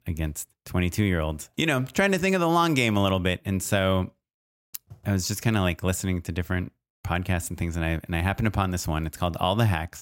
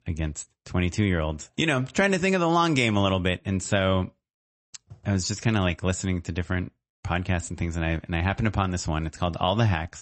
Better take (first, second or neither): first